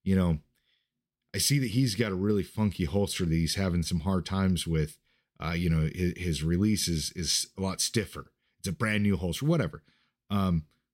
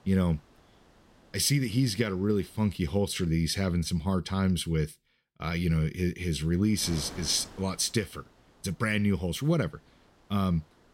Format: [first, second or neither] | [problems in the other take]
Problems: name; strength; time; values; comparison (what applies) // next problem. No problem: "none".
first | wind noise on the microphone; occasional gusts; until 3 s and from 6.5 s on; 20 dB below the speech